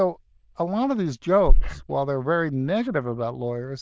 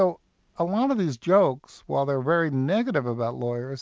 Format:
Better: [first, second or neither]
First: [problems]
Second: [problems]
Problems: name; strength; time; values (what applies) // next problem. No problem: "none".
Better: second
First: noise reduction (neural diffusion model UNIVERSE++)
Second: none